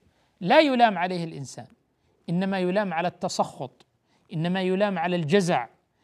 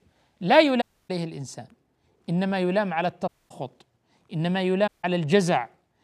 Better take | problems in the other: first | audio cutting out; at 1 s, at 3.5 s and at 5 s

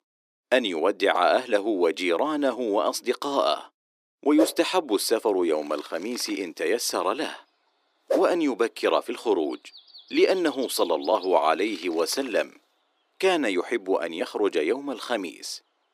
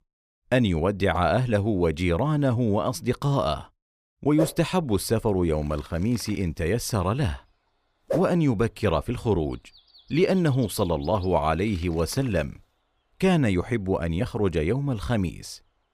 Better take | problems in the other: second | thin; somewhat; fading below 300 Hz

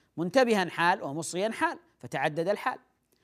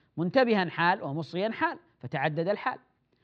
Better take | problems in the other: first | muffled; very slightly; fading above 4 kHz

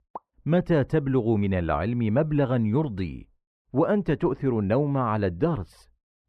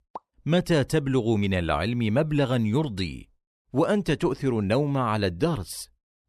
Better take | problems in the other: second | muffled; very; fading above 3 kHz

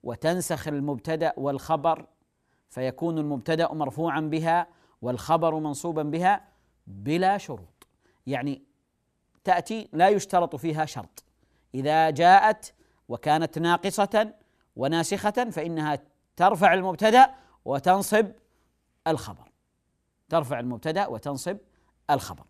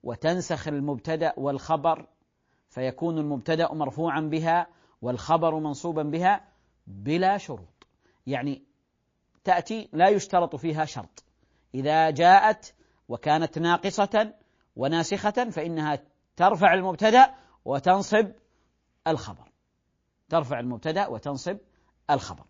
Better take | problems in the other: first | garbled, watery; slightly

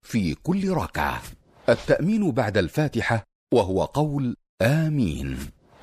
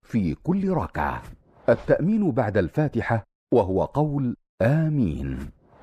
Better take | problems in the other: first | muffled; slightly; fading above 2.5 kHz

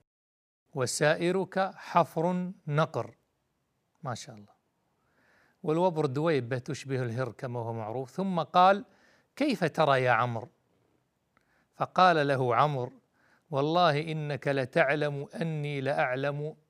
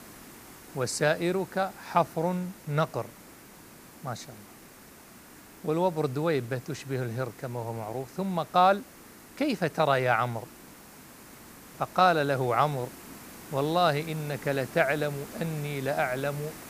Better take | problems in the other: first | hiss; noticeable; throughout; 20 dB below the speech

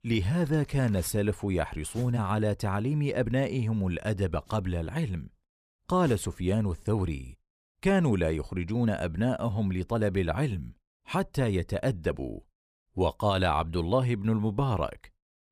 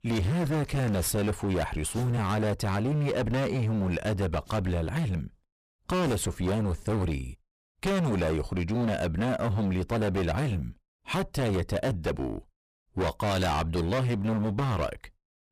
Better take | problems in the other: first | distortion; heavy; 28% of the sound clipped

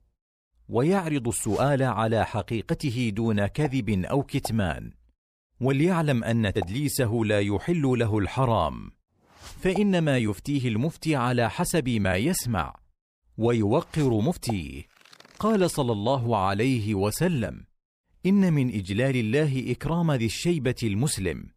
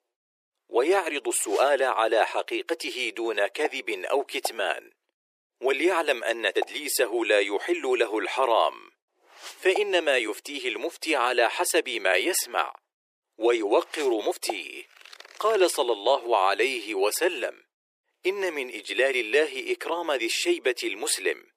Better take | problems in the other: first | thin; very; fading below 350 Hz

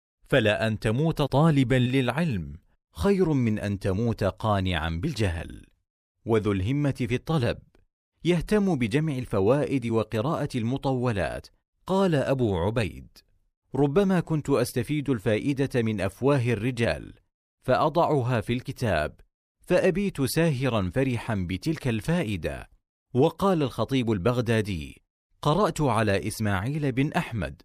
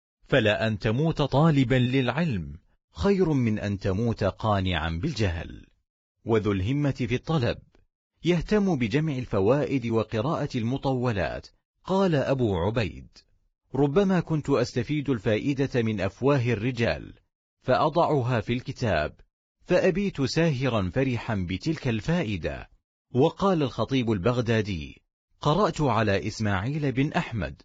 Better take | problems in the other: first | garbled, watery; badly; nothing above 7.5 kHz

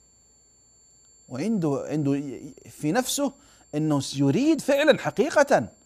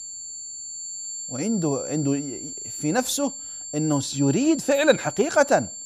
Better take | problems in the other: first | high-pitched whine; loud; throughout; 7.5 kHz, 9 dB below the speech; faint in the first

